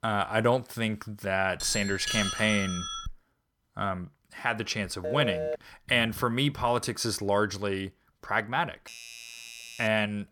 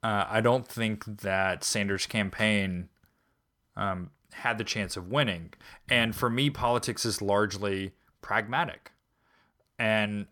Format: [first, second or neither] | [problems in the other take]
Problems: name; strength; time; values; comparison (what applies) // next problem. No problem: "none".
second | doorbell; noticeable; from 1.5 to 3 s; peak 1 dB below the speech // phone ringing; noticeable; at 5 s; peak 3 dB below the speech // doorbell; faint; from 9 s on; peak 15 dB below the speech